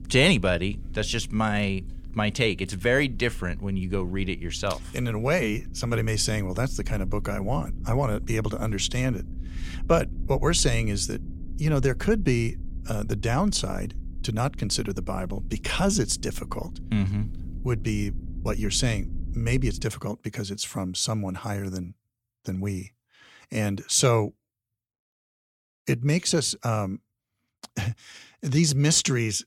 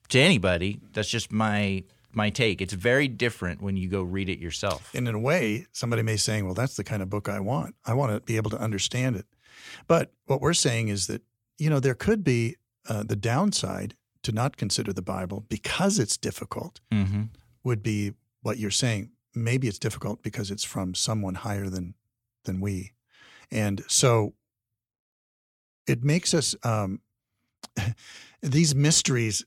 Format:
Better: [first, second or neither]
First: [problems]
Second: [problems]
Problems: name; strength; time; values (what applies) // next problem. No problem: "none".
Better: second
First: low rumble; faint; until 20 s; 25 dB below the speech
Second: none